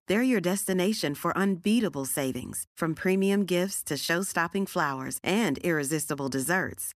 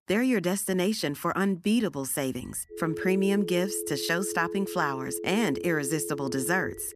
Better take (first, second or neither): first